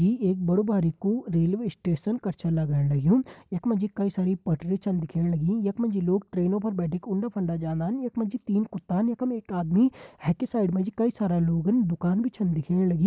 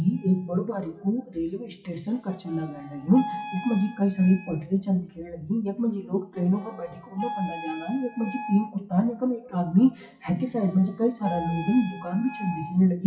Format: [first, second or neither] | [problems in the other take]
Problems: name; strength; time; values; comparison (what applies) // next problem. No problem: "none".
first | noise reduction (classical method WPE with log-MMSE)